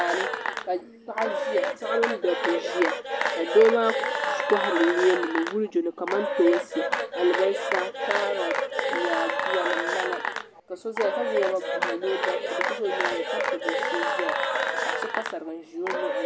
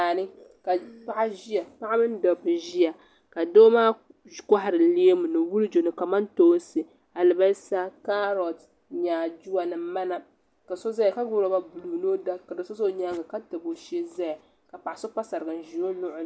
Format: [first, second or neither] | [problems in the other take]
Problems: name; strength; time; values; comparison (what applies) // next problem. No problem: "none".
second | background sound (Applause / Cheering / Clapping); as loud as the speech